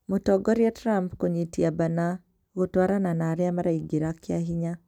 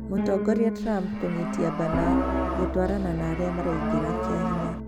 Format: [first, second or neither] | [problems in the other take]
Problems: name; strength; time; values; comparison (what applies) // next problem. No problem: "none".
first | background sound (Livestock, farm animals, working animals + Piano); 1 dB above the speech